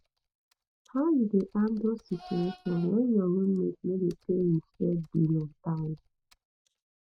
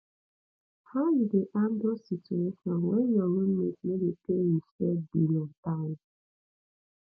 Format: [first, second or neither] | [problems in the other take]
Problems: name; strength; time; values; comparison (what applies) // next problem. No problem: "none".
second | noise reduction (neural mask model RNNoise)